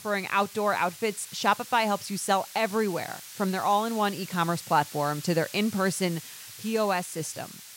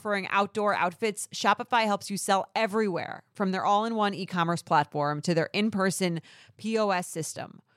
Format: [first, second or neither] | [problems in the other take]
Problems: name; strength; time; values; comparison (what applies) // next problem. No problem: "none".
second | hiss; noticeable; throughout; 15 dB below the speech